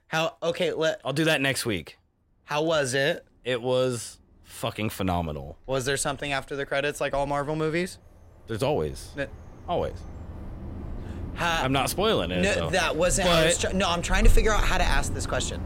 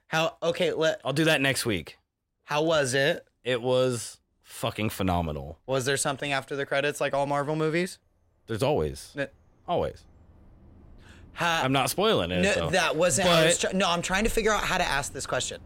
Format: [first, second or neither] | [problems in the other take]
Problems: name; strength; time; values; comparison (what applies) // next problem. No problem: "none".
second | animal sounds; loud; throughout; 9 dB below the speech; faint in the second